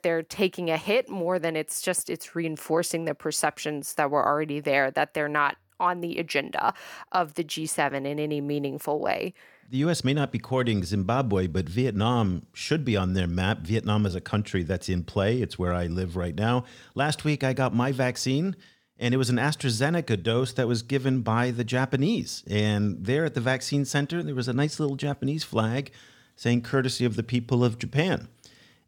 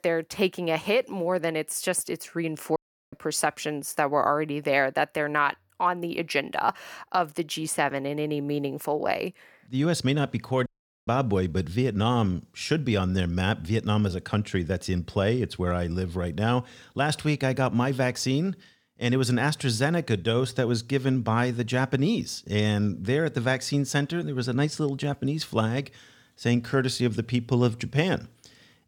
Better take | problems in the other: first | audio cutting out; at 3 s and at 11 s

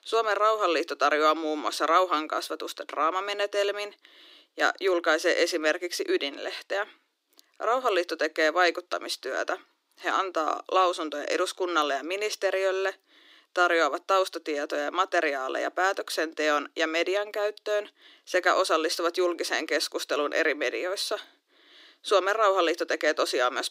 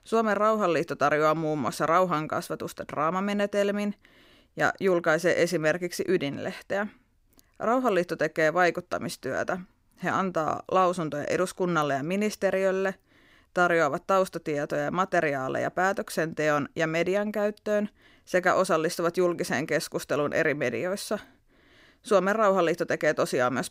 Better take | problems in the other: second | thin; somewhat; fading below 300 Hz

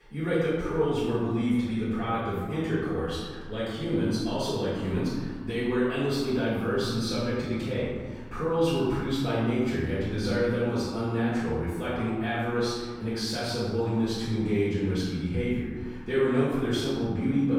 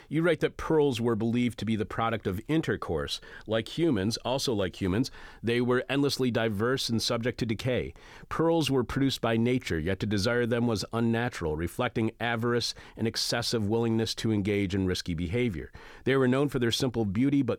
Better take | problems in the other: second | off-mic speech; far // room echo; strong; dies away in 1.4 s

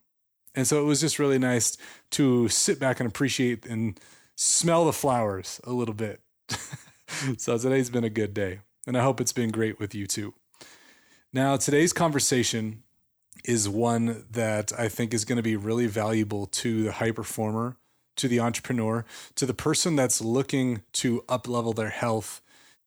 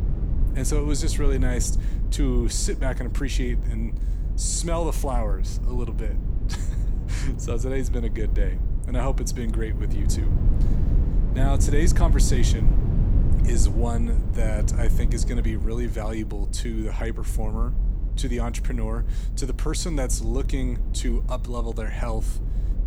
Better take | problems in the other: first | low rumble; loud; throughout; 9 dB below the speech

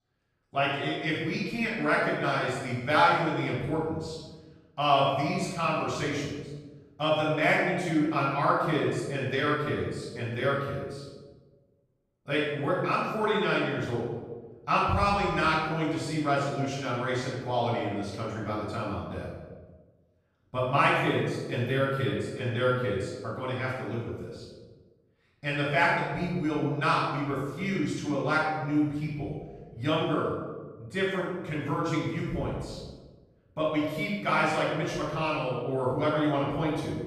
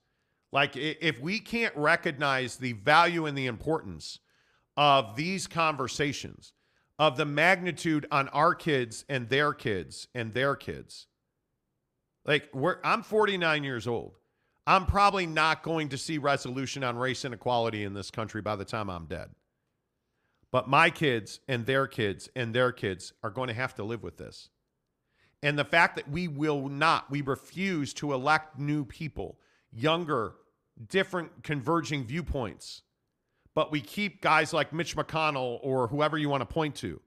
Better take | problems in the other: second | off-mic speech; far // room echo; strong; dies away in 1.3 s

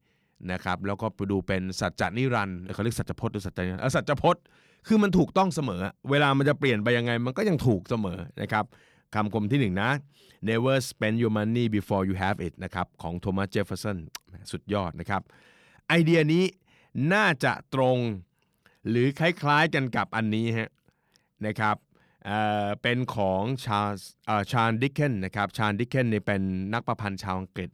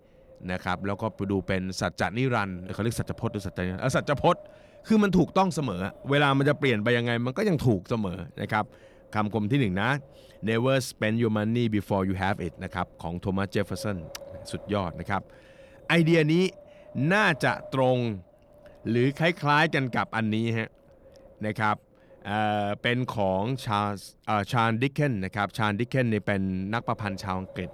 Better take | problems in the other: first | wind noise on the microphone; occasional gusts; 20 dB below the speech

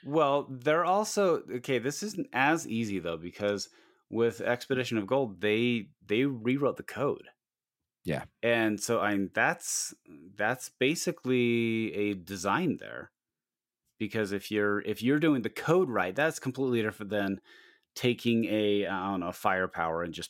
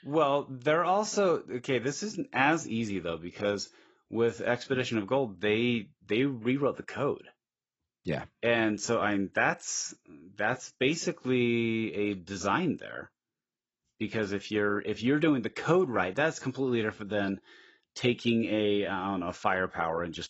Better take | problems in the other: first | garbled, watery; badly; nothing above 7.5 kHz

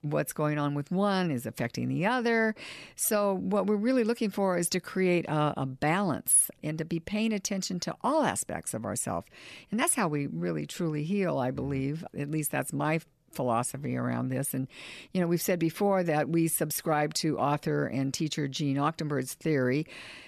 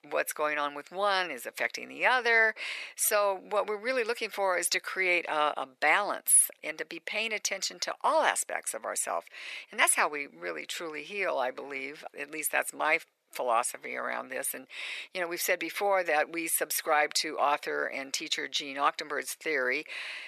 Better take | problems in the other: first | thin; very; fading below 500 Hz

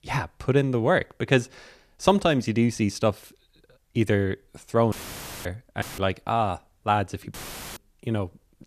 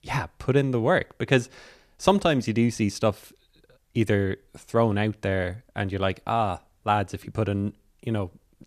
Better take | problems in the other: second | audio cutting out; filled with static; at 5 s for 0.5 s, at 6 s and at 7.5 s

